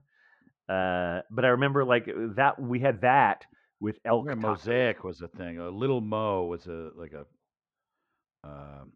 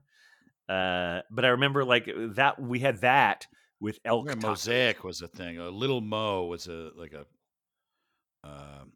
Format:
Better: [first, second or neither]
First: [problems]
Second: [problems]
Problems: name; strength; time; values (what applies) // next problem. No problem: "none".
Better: second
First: muffled; very; fading above 1.5 kHz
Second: none